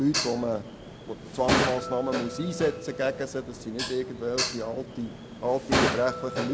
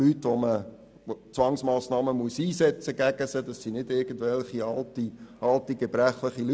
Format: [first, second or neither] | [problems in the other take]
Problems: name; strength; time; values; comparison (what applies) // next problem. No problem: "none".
second | background sound (Dishes, pots, and pans); 2 dB below the speech